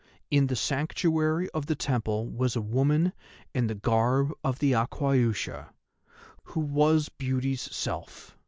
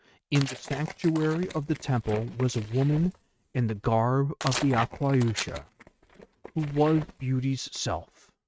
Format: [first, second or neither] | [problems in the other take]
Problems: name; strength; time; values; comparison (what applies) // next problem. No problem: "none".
first | noise reduction (neural mask model RNNoise)